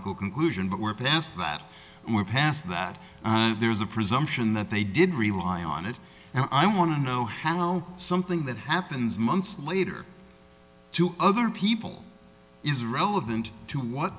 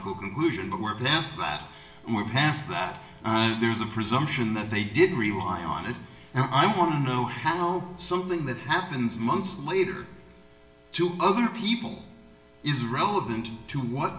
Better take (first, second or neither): first